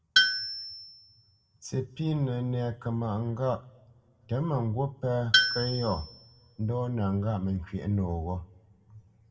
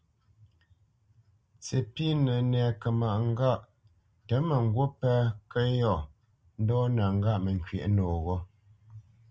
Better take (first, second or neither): second